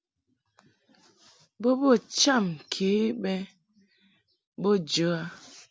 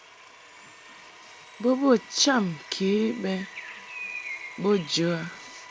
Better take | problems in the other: first | background sound (Domestic sounds, home sounds + Bird); 15 dB below the speech

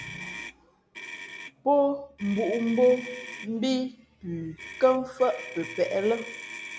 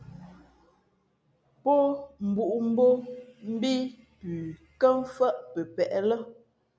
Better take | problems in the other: second | background sound (Motor vehicle (road)); 14 dB below the speech

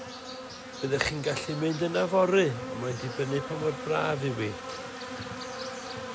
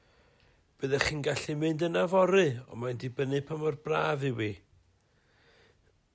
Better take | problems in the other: second | background sound (Insect); 8 dB below the speech

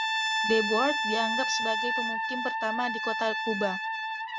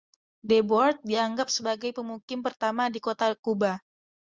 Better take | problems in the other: second | background sound (Brass instrument); 2 dB above the speech

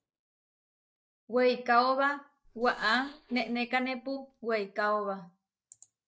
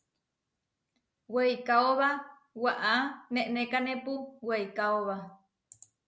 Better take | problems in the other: second | noise reduction (neural mask model DeepFilterNet 3)

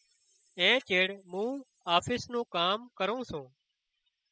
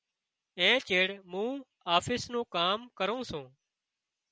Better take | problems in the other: second | noise reduction (classical method spectral subtraction)

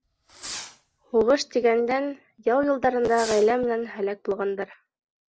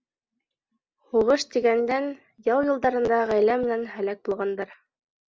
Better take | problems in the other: second | background sound (Fireworks); 16 dB below the speech

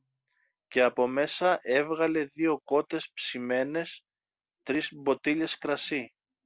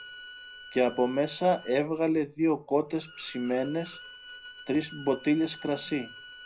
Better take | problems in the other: first | background sound (Bowed string instrument); 18 dB below the speech // room echo; dies away in 0.4 s

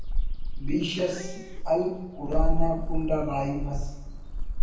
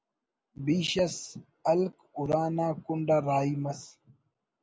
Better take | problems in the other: second | background sound (Meow / Purr); 4 dB above the speech // room echo; dies away in 0.9 s

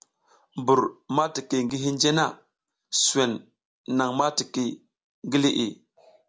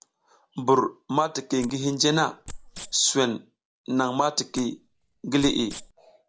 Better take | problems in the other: first | background sound (Wild animals); 16 dB below the speech

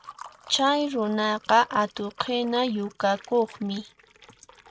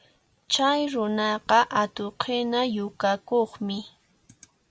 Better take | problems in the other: second | noise reduction (neural mask model RNNoise)

